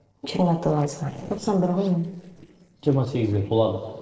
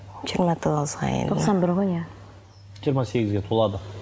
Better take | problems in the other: second | noise reduction (neural separator model SepFormer DNS4)

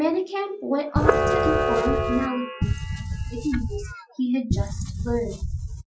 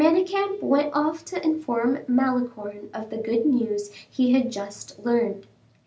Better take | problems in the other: second | noise reduction (classical method Wiener filter)

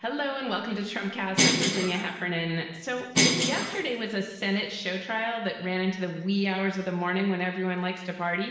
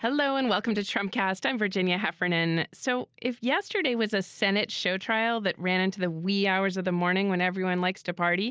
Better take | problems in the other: second | background sound (Bell); 3 dB above the speech // room echo; dies away in 0.9 s

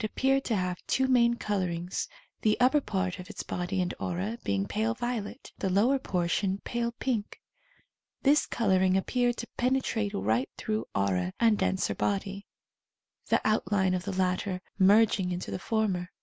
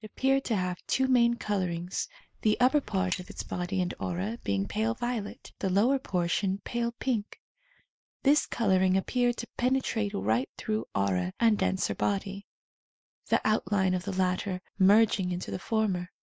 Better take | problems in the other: first | noise reduction (neural mask model DeepFilterNet 3)

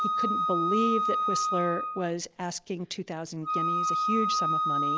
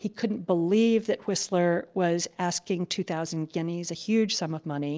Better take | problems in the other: second | background sound (Wind instrument, woodwind instrument); 3 dB above the speech

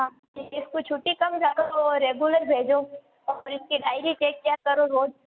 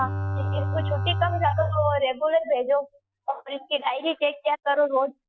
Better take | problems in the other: first | noise reduction (classical method Wiener filter)

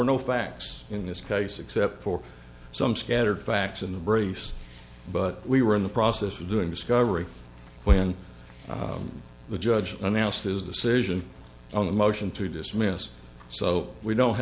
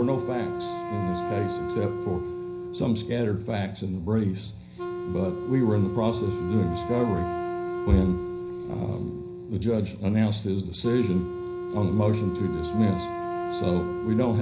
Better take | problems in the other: first | background sound (Wind instrument, woodwind instrument); 6 dB below the speech // room echo; dies away in 0.5 s

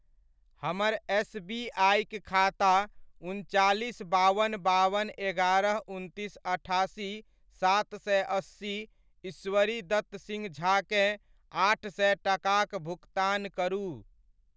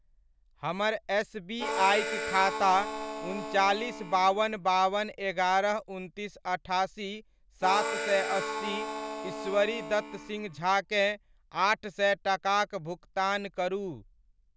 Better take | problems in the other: first | background sound (Harmonica); 6 dB below the speech

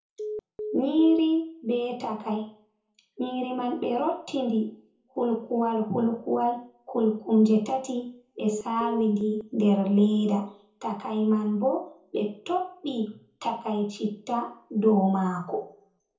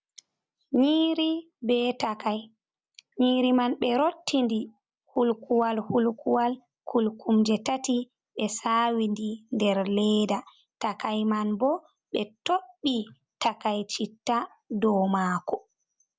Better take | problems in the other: second | background sound (Telephone); 10 dB below the speech // room echo; dies away in 0.5 s

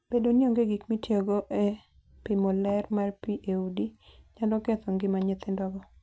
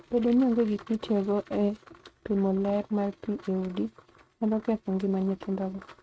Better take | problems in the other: first | noise reduction (neural mask model RNNoise)

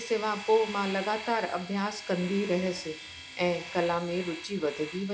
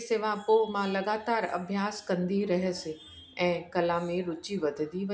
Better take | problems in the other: second | background sound (Domestic sounds, home sounds); 13 dB below the speech

